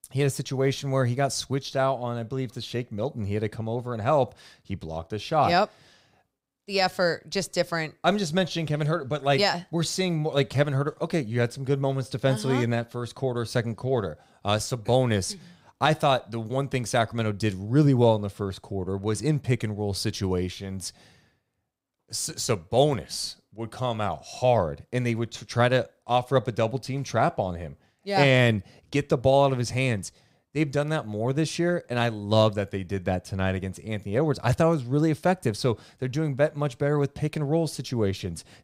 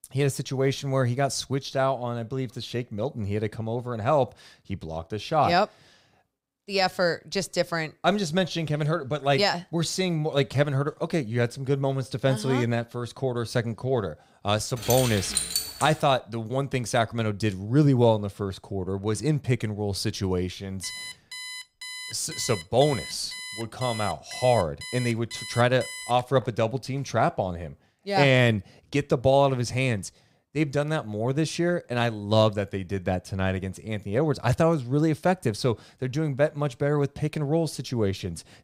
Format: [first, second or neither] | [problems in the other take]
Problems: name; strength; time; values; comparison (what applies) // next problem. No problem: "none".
first | jangling keys; loud; from 15 to 16 s; peak 1 dB above the speech // alarm; noticeable; from 21 to 26 s; peak 9 dB below the speech